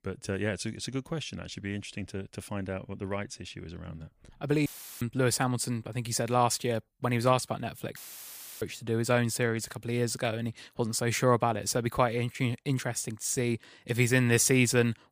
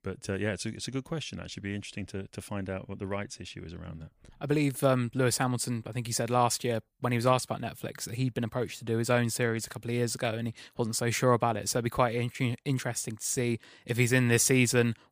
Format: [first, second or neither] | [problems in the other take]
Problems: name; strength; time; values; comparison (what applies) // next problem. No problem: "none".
second | audio cutting out; filled with static; at 4.5 s and at 8 s for 0.5 s